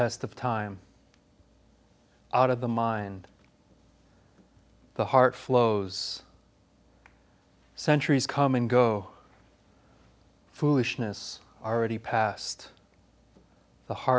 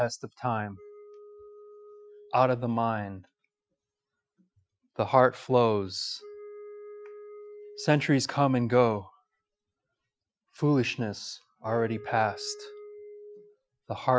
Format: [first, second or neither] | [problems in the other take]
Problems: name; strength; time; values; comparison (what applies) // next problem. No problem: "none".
first | noise reduction (classical method Wiener filter)